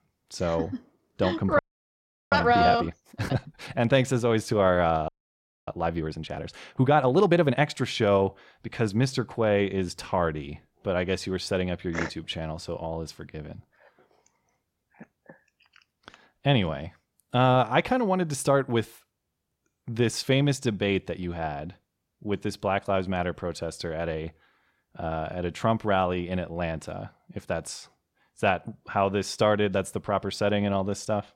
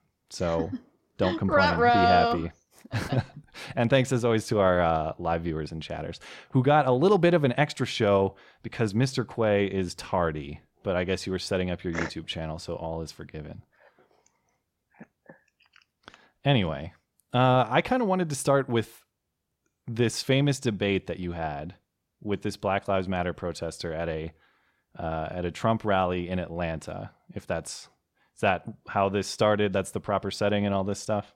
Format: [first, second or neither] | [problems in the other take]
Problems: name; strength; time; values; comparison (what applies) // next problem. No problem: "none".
second | audio freezing; at 1.5 s for 0.5 s and at 5 s for 0.5 s